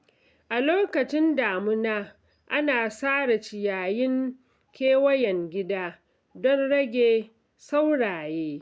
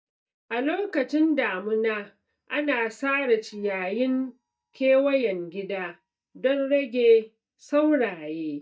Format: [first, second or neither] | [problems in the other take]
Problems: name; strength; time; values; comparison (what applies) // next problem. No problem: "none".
first | noise reduction (neural mask model DeepFilterNet 3)